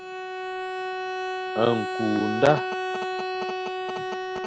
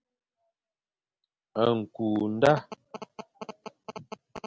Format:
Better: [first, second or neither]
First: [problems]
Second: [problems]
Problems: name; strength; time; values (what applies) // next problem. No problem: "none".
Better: second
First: background sound (Bowed string instrument); 1 dB below the speech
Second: none